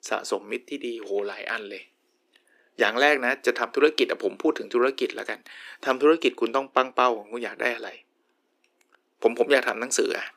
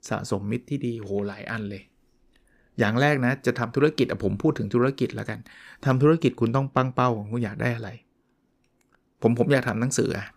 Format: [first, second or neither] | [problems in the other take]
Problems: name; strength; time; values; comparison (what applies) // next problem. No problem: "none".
second | thin; somewhat; fading below 350 Hz